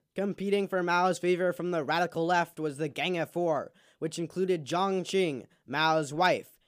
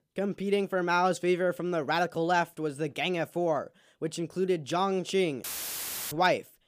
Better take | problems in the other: first | audio cutting out; filled with static; at 5.5 s for 0.5 s

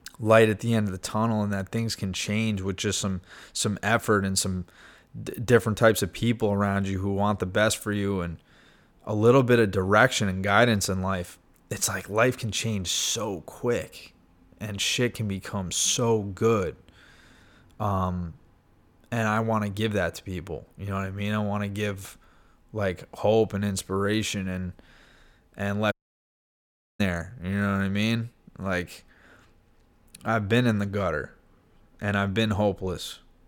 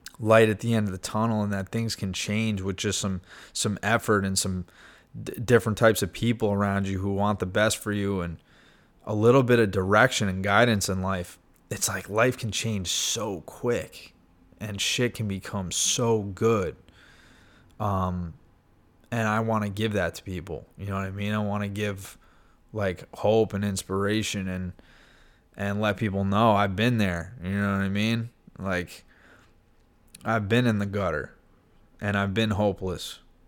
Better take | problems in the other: second | audio cutting out; at 26 s for 1 s

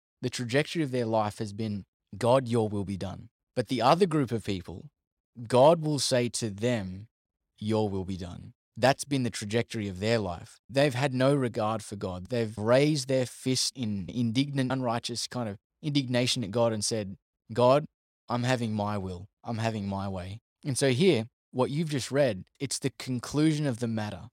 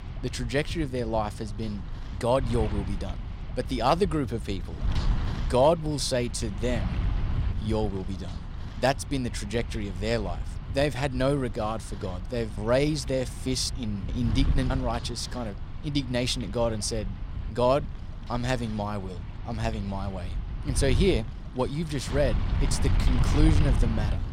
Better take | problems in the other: first | wind noise on the microphone; occasional gusts; 15 dB below the speech

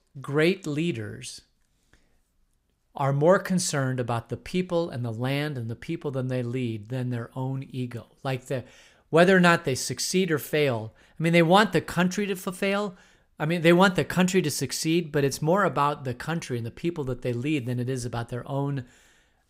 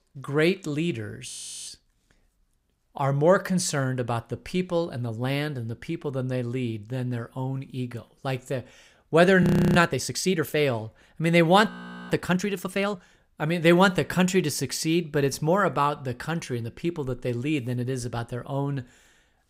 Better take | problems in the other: first | audio freezing; at 1.5 s, at 9.5 s and at 12 s

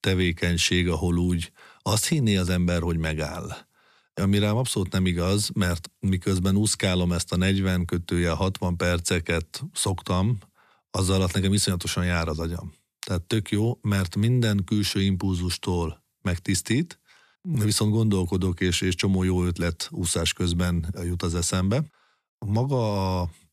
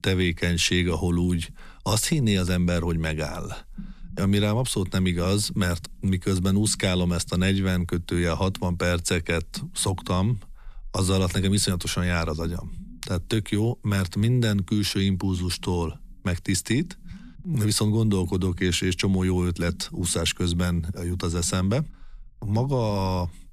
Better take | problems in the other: first | low rumble; faint; throughout; 25 dB below the speech

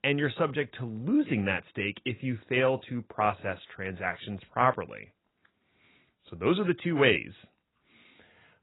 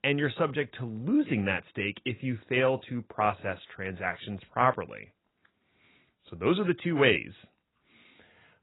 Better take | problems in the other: neither | garbled, watery; badly; nothing above 4 kHz; the same in both

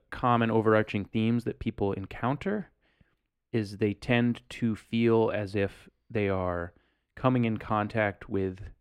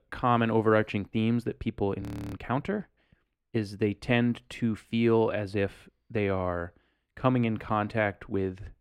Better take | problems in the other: first | audio freezing; at 2 s

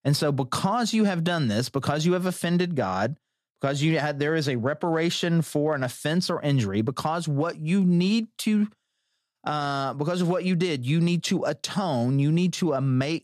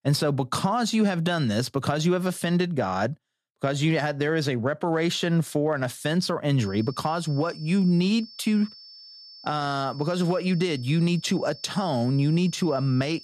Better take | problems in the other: first | high-pitched whine; noticeable; from 6.5 s on; 5.5 kHz, 20 dB below the speech

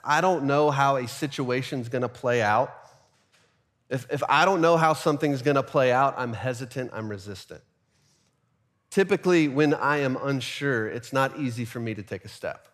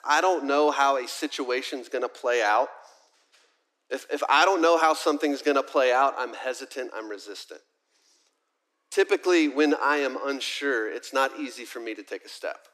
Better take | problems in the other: first | thin; very slightly; fading below 300 Hz

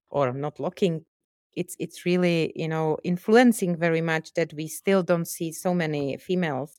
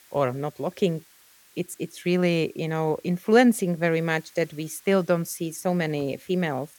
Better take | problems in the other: first | hiss; faint; throughout; 30 dB below the speech

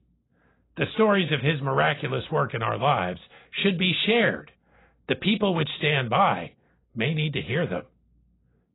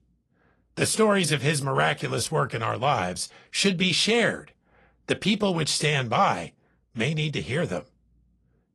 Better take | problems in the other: second | garbled, watery; badly; nothing above 4 kHz; slightly in the second

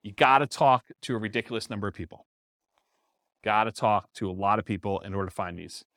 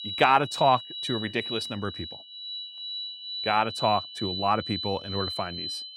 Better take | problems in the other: first | high-pitched whine; loud; throughout; 4 kHz, 6 dB below the speech

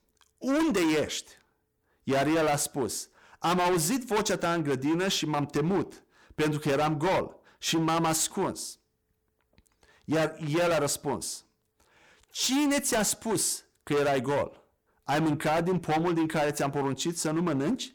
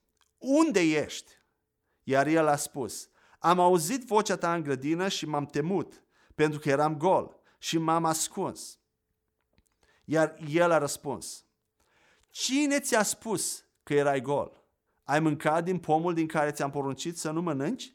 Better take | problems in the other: second | distortion; heavy; 17% of the sound clipped

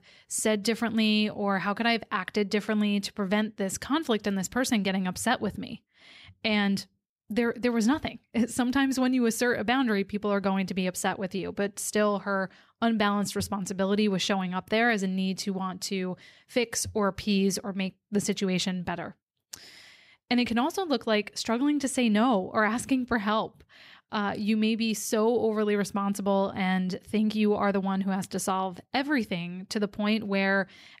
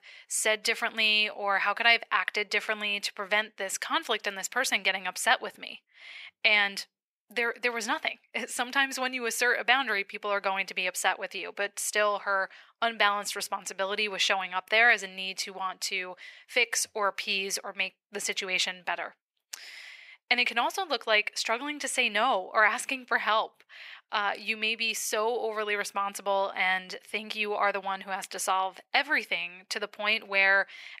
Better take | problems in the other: first | thin; very; fading below 700 Hz

